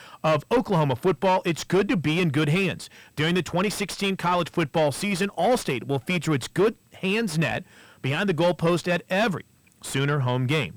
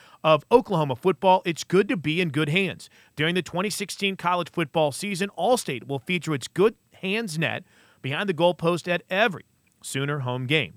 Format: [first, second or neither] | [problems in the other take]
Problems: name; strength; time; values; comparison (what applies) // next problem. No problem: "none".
second | distortion; heavy; 7 dB below the speech